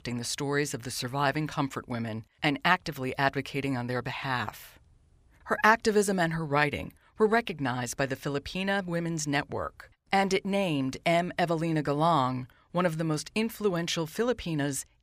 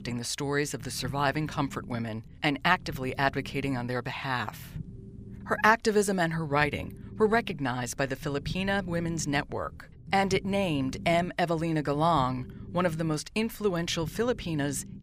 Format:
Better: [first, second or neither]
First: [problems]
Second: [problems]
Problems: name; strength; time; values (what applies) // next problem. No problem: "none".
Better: first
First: none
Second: low rumble; faint; throughout; 25 dB below the speech